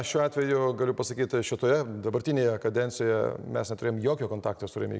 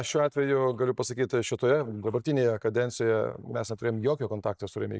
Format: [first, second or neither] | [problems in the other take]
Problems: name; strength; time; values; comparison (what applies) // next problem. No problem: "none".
first | noise reduction (neural mask model DeepFilterNet 3)